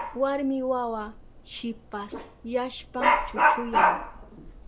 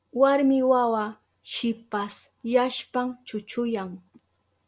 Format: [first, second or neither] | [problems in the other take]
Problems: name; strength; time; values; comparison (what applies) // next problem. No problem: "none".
second | background sound (Dog); 4 dB above the speech